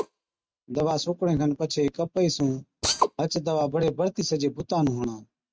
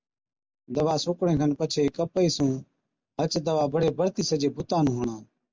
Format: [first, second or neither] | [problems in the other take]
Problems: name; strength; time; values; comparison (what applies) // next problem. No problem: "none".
second | noise reduction (neural mask model RNNoise)